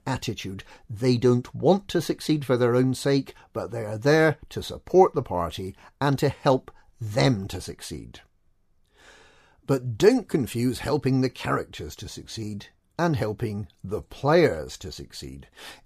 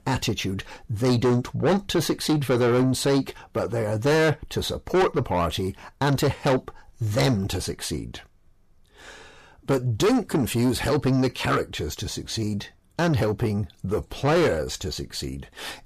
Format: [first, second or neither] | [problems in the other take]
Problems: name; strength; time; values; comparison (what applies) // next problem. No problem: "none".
first | distortion; heavy; 6 dB below the speech